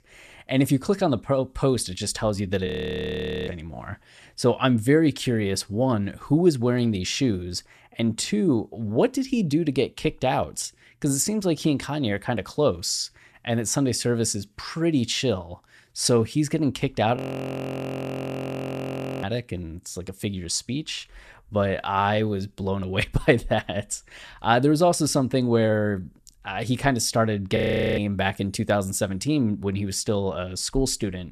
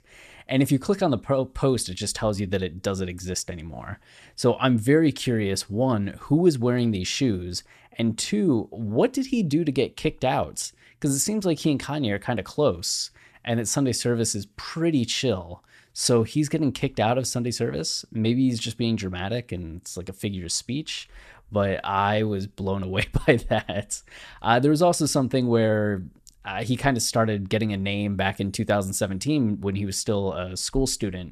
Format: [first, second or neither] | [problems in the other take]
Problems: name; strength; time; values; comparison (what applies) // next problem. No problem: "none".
second | audio freezing; at 2.5 s for 1 s, at 17 s for 2 s and at 28 s